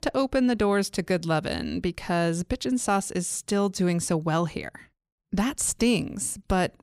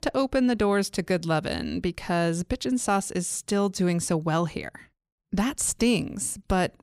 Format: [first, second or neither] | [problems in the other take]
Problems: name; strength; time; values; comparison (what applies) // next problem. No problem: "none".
neither | none